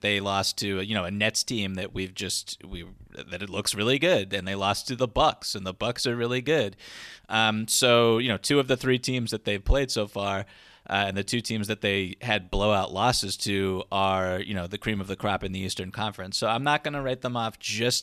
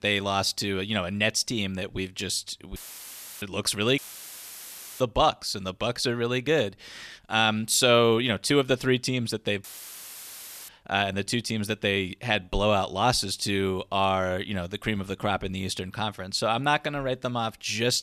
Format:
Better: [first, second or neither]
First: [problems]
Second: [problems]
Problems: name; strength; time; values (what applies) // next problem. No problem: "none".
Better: first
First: none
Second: audio cutting out; filled with static; at 3 s for 0.5 s, at 4 s for 1 s and at 9.5 s for 1 s